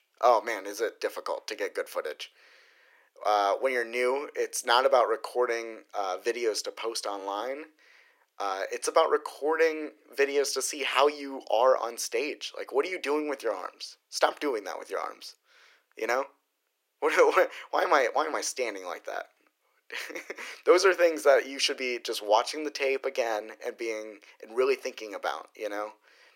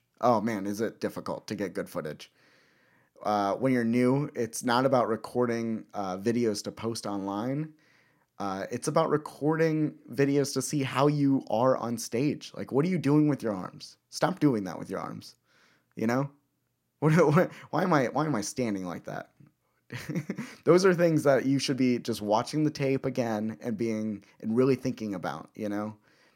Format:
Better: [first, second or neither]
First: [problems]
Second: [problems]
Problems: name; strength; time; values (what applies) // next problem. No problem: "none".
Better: second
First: thin; very; fading below 400 Hz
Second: none